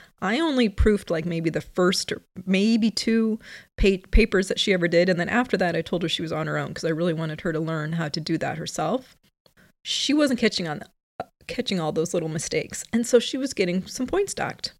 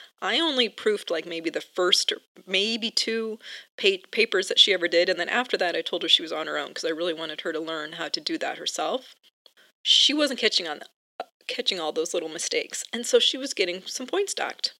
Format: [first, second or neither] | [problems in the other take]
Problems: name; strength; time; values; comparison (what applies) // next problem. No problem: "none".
first | thin; somewhat; fading below 300 Hz